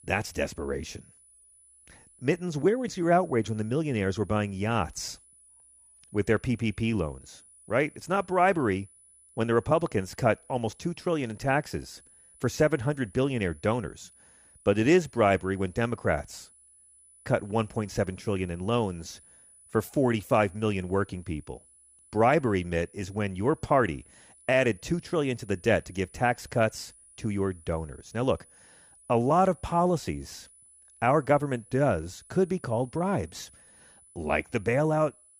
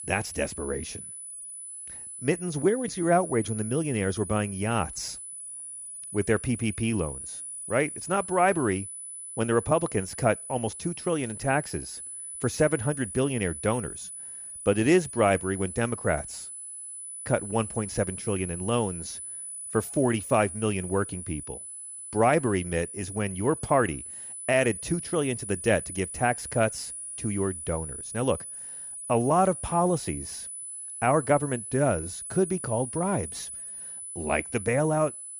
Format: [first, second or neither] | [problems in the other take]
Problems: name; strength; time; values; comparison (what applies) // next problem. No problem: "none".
first | high-pitched whine; loud; throughout; 10 kHz, 9 dB below the speech; faint in the first